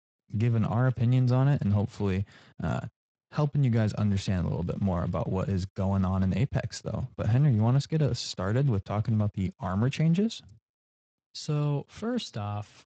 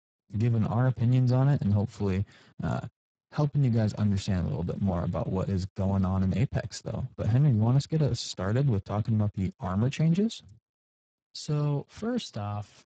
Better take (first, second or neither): first